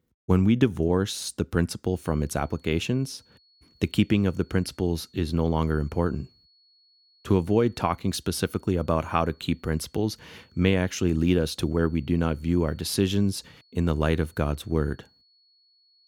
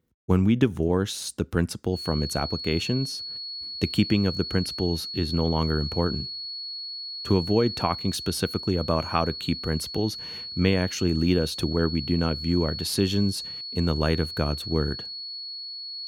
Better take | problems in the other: first | high-pitched whine; loud; from 2 s on; 4.5 kHz, 7 dB below the speech; faint in the first

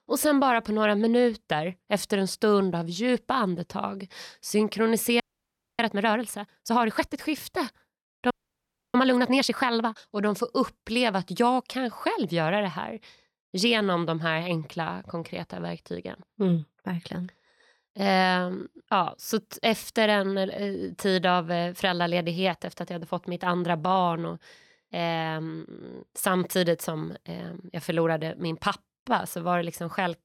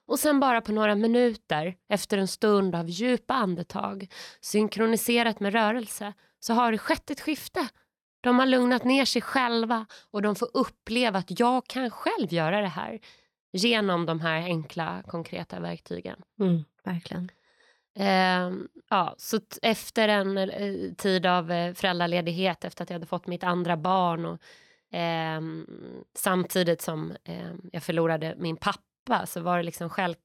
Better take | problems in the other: second | audio freezing; at 5 s for 0.5 s and at 8.5 s for 0.5 s

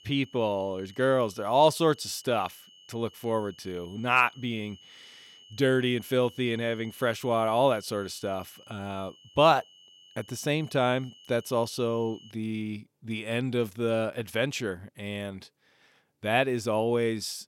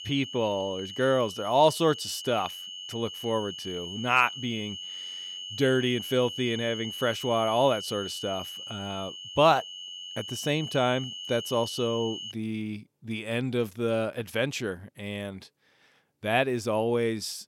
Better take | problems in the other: first | high-pitched whine; loud; until 12 s; 3 kHz, 9 dB below the speech; faint in the first

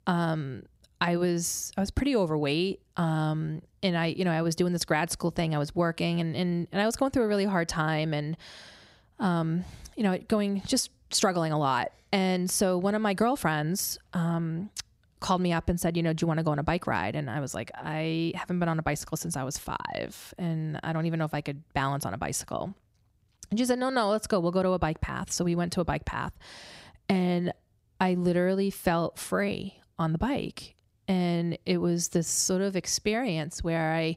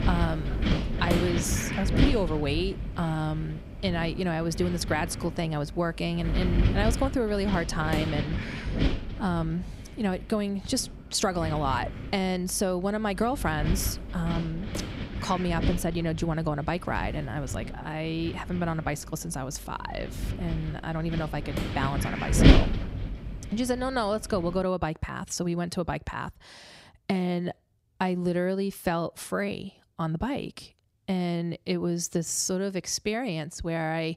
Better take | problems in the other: first | wind noise on the microphone; heavy; until 25 s; 4 dB below the speech

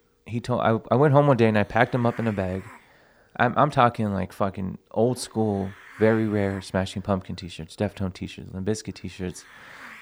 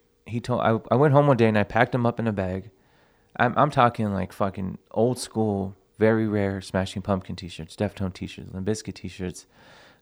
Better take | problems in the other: second | hiss; faint; throughout; 25 dB below the speech

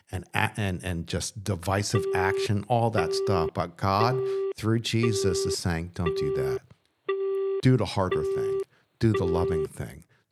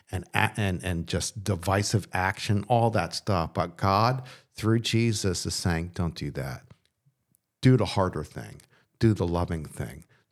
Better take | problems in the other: second | phone ringing; loud; from 2 to 9.5 s; peak level with the speech

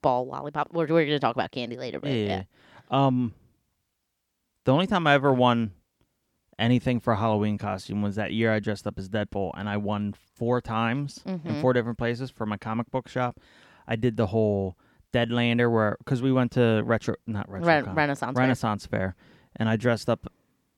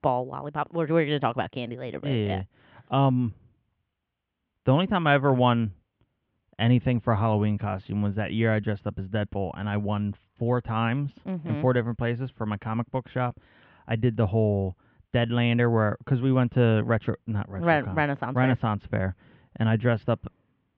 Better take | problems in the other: first | muffled; very; fading above 3 kHz

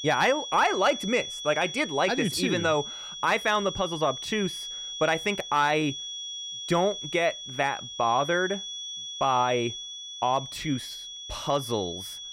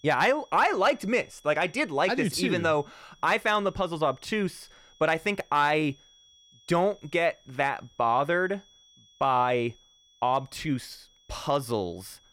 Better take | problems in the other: second | high-pitched whine; loud; throughout; 3.5 kHz, 8 dB below the speech; faint in the second

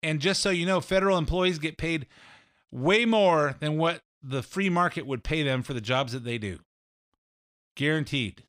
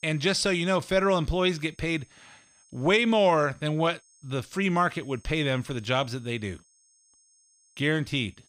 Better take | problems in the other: first | high-pitched whine; faint; throughout; 6.5 kHz, 35 dB below the speech

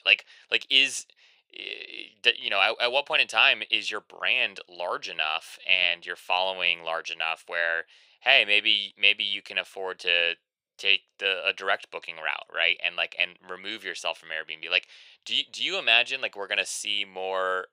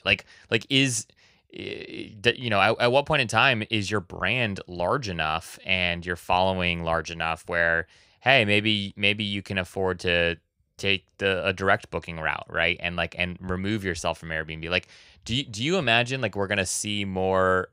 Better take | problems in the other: second | thin; very; fading below 550 Hz

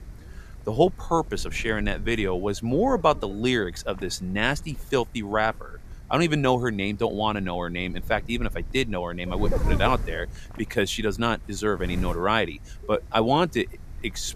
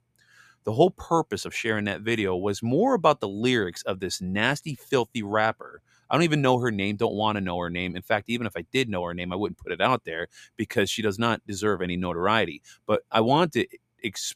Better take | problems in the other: second | wind noise on the microphone; occasional gusts; 15 dB below the speech

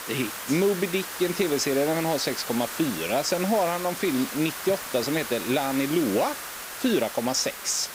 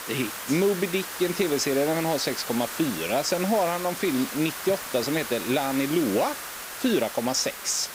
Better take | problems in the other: neither | hiss; loud; throughout; 7 dB below the speech; the same in both

